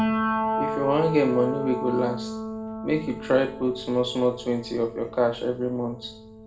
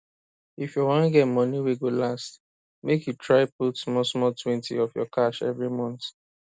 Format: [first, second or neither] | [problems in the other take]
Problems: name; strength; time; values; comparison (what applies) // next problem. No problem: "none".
second | background sound (Piano); 5 dB below the speech // room echo; dies away in 0.4 s